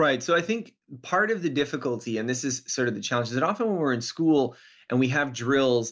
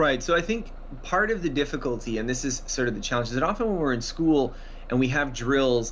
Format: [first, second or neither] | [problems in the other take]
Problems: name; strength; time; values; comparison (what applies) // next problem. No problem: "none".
first | background sound (Bus); 12 dB below the speech